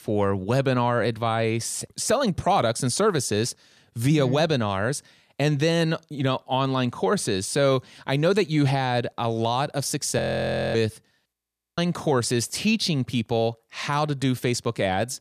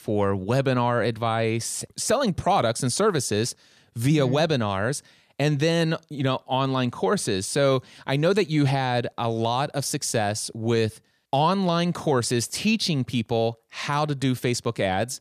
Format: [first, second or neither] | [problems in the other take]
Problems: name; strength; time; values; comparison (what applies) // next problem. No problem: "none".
second | audio freezing; at 10 s for 0.5 s and at 11 s